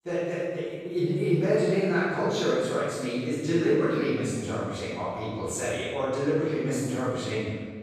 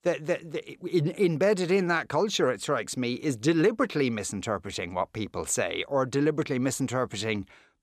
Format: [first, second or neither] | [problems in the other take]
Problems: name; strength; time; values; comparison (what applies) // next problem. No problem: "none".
second | off-mic speech; far // room echo; strong; dies away in 1.6 s